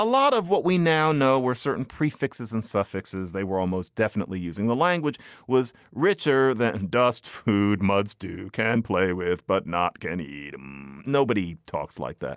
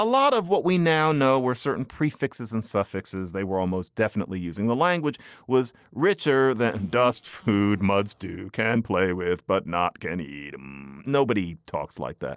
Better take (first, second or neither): first